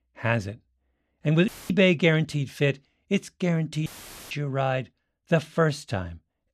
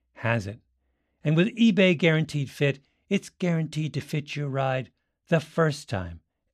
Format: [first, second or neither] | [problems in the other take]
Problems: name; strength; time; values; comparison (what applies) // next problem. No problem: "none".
second | audio cutting out; filled with static; at 1.5 s and at 4 s